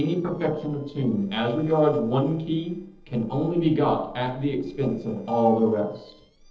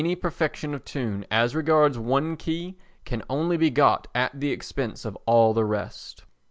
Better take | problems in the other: second | noise reduction (neural separator model SepFormer DNS4)

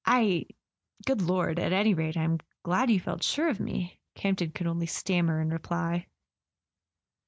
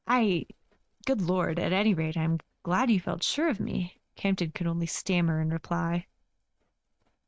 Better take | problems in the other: first | noise reduction (neural mask model RNNoise)

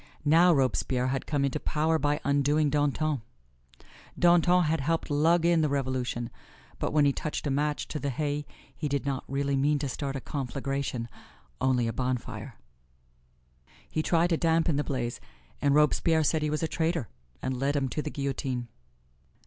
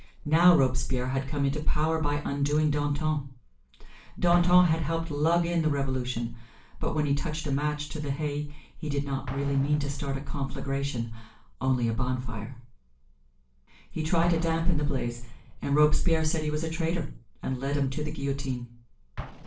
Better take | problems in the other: first | noise reduction (neural separator model SepFormer DNS4)

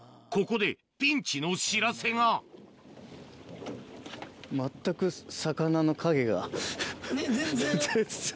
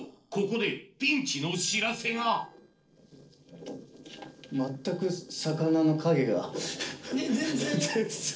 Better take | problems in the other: first | noise reduction (neural separator model SepFormer DNS4)

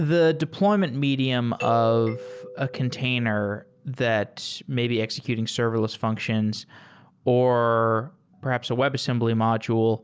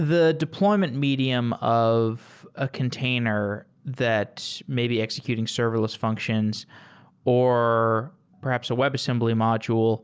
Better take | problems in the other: second | background sound (Doorbell); 14 dB below the speech

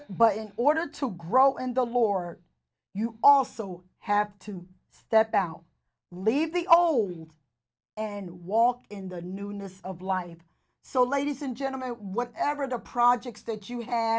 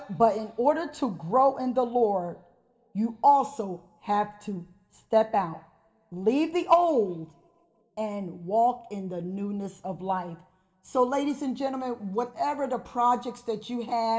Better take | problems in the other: first | room echo; dies away in 0.9 s

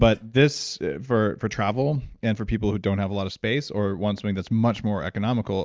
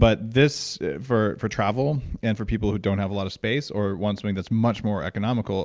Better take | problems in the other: second | noise reduction (neural mask model DeepFilterNet 3)

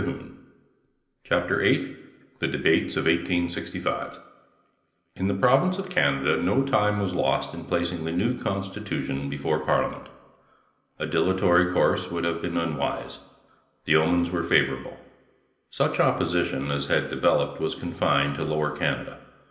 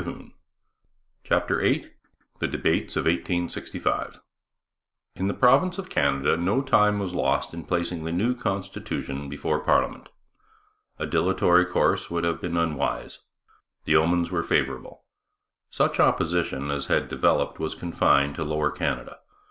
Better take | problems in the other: second | room echo; dies away in 0.8 s

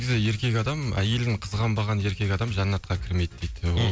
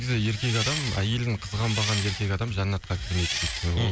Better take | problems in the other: first | background sound (Engine); 7 dB below the speech

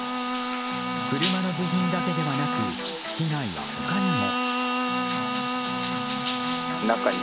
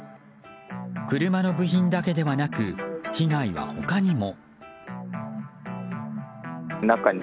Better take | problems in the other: second | background sound (Bowed string instrument + Bathtub (filling or washing)); 1 dB above the speech

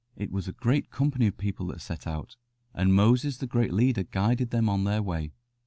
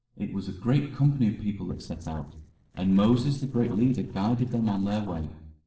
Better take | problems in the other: first | noise reduction (neural separator model SepFormer DNS4)

